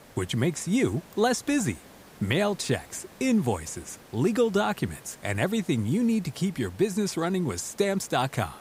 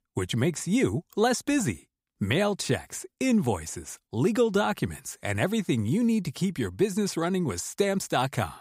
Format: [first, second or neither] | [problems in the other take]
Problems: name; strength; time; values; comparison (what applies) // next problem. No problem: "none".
second | hiss; faint; throughout; 25 dB below the speech